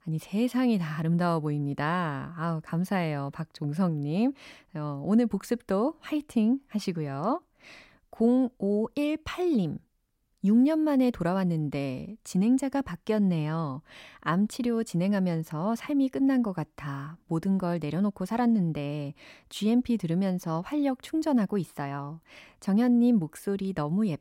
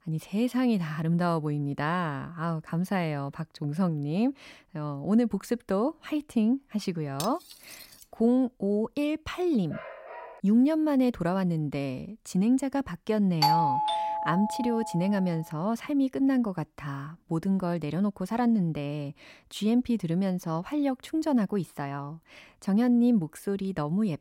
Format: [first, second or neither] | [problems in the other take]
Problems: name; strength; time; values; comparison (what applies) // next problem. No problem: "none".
first | clattering dishes; faint; at 7 s; peak 10 dB below the speech // dog barking; faint; at 9.5 s; peak 15 dB below the speech // doorbell; loud; from 13 to 15 s; peak 5 dB above the speech